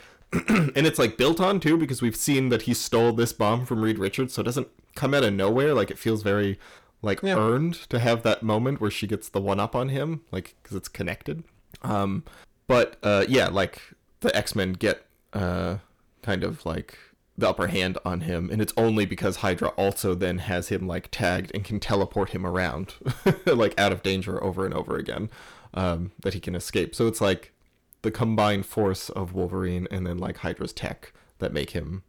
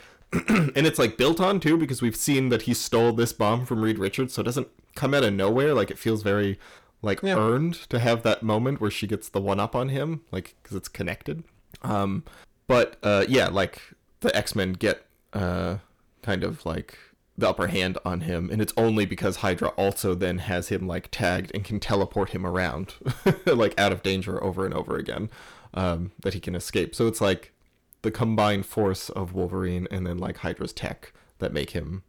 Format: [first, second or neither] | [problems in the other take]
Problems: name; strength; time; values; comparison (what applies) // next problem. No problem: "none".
neither | distortion; slight; 10 dB below the speech; the same in both